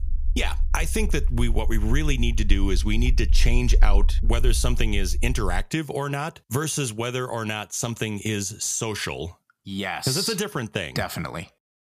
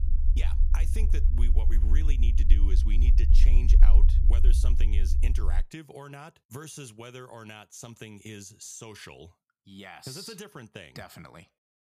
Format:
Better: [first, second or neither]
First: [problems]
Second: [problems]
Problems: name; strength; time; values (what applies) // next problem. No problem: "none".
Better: first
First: low rumble; faint; until 5.5 s; 20 dB below the speech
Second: low rumble; loud; until 5.5 s; 4 dB below the speech